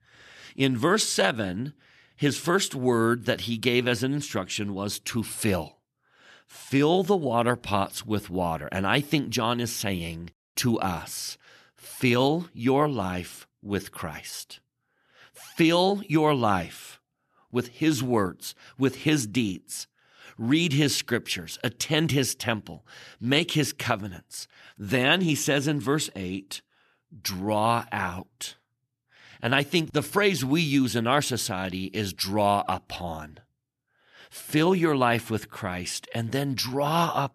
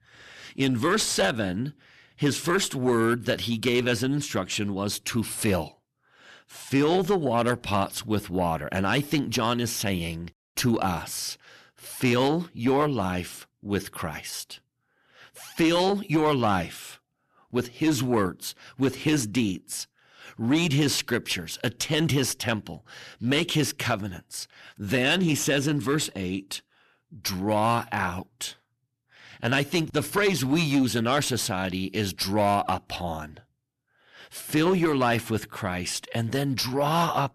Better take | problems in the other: first | distortion; slight; 10 dB below the speech

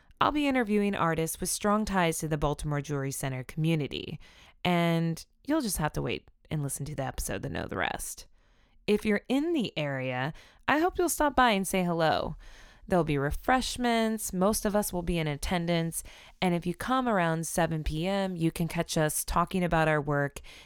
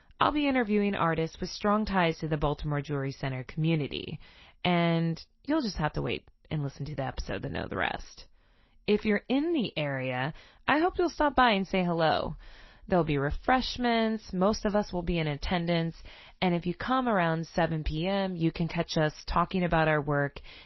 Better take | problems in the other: first | garbled, watery; slightly; nothing above 6 kHz

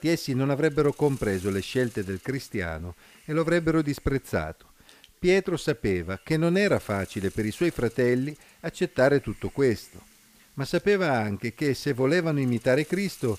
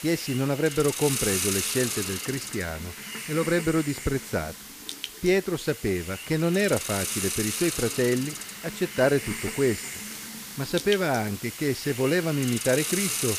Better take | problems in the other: first | hiss; loud; throughout; 5 dB below the speech; faint in the first

